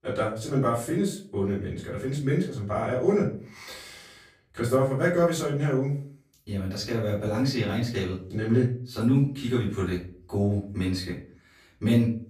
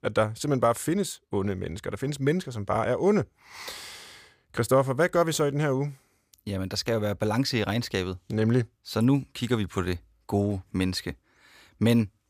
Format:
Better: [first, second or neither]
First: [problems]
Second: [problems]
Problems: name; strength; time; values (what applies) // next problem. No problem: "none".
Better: second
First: off-mic speech; far // room echo; slight; dies away in 0.4 s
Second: none